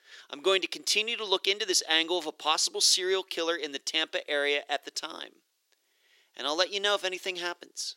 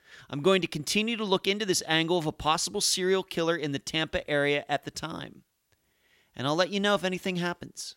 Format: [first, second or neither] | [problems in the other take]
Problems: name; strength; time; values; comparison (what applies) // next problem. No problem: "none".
second | thin; very; fading below 350 Hz